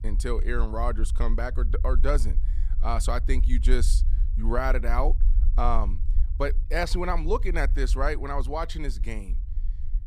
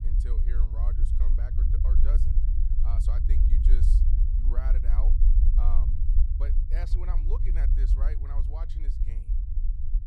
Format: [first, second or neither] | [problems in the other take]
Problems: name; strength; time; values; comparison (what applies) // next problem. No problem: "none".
first | low rumble; loud; throughout; 1 dB below the speech; faint in the first